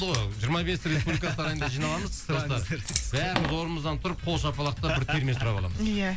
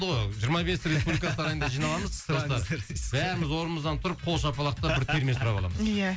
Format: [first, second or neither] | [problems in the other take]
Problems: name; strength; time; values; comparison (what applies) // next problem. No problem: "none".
second | background sound (Water / Splash, splatter); 10 dB below the speech